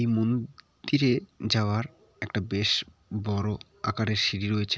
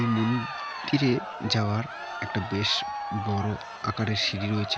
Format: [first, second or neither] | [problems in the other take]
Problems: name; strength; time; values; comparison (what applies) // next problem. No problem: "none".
first | background sound (Crowd); 8 dB below the speech